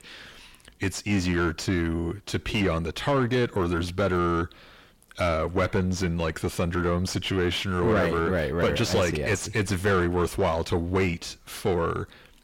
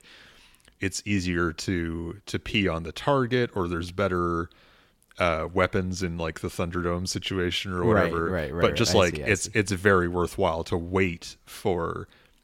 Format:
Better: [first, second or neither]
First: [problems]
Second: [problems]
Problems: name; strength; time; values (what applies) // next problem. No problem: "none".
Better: second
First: distortion; heavy; 7 dB below the speech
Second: none